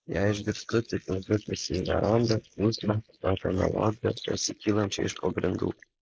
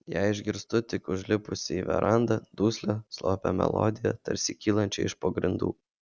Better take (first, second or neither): second